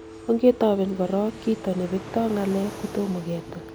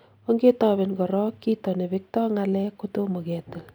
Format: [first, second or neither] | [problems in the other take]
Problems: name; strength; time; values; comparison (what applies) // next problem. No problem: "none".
second | background sound (Telephone + Fixed-wing aircraft, airplane); 14 dB below the speech